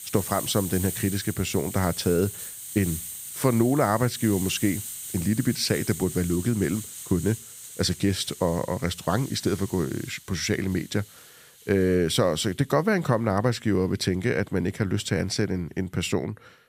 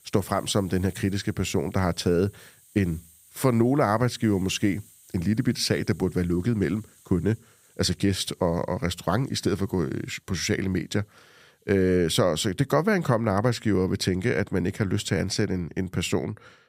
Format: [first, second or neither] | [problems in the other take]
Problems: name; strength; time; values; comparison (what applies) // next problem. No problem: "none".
second | hiss; loud; throughout; 10 dB below the speech; faint in the second